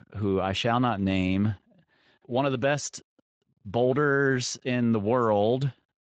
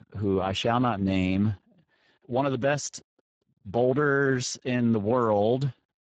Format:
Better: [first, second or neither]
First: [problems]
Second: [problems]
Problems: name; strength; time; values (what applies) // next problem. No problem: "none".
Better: first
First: garbled, watery; slightly; nothing above 7.5 kHz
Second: garbled, watery; badly; nothing above 7.5 kHz